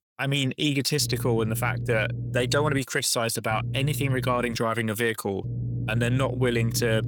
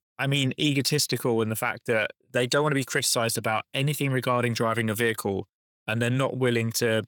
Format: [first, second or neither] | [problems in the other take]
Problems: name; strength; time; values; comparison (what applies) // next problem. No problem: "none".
second | low rumble; noticeable; from 1 to 3 s, from 3.5 to 4.5 s and from 5.5 s on; 15 dB below the speech